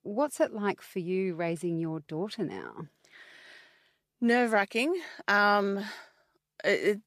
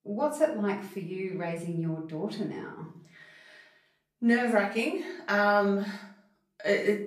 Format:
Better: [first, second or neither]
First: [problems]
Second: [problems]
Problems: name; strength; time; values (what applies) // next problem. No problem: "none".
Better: first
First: none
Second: off-mic speech; far // room echo; slight; dies away in 0.4 s